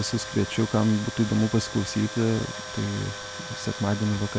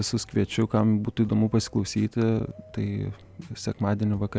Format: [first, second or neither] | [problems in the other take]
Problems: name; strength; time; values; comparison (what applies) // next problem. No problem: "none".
second | background sound (Tools); 11 dB below the speech